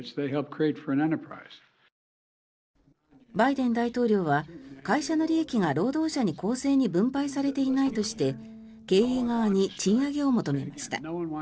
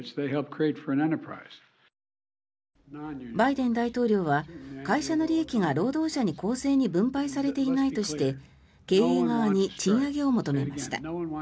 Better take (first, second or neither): second